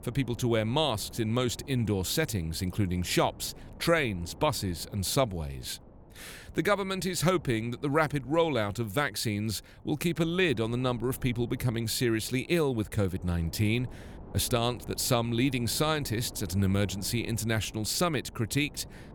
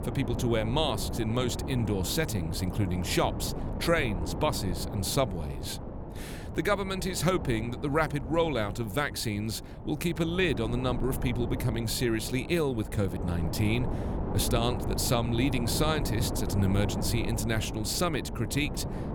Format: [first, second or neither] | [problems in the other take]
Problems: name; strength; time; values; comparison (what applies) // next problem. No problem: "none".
first | wind noise on the microphone; heavy; 9 dB below the speech; occasional gusts in the first